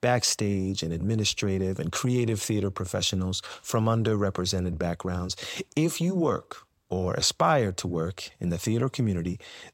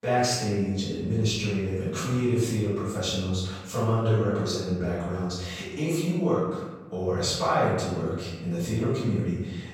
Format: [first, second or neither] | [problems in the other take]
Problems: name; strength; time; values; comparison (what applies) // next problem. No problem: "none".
first | room echo; strong; dies away in 1.1 s // off-mic speech; far